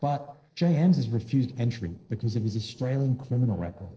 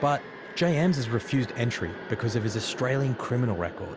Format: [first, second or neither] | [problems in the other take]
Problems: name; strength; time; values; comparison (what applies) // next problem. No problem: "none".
second | noise reduction (neural separator model SepFormer DNS4)